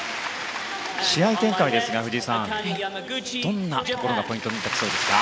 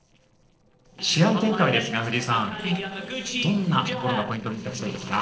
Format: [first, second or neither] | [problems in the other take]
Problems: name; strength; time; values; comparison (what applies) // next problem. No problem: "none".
first | noise reduction (neural separator model SepFormer DNS4)